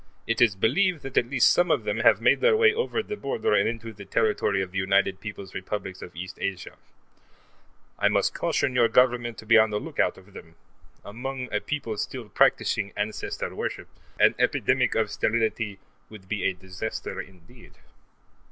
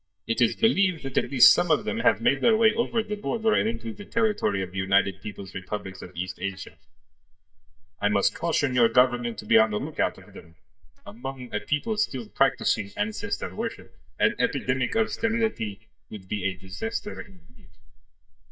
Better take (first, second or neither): first